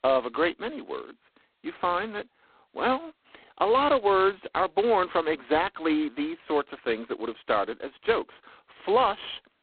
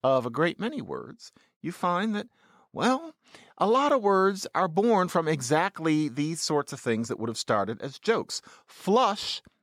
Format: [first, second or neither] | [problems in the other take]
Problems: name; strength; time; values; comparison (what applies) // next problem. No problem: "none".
second | phone-call audio; poor line; nothing above 4 kHz